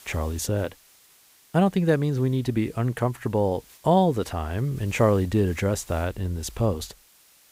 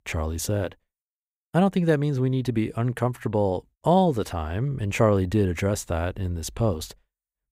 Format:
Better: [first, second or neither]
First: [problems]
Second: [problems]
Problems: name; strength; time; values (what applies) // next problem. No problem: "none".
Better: second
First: hiss; faint; throughout; 25 dB below the speech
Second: none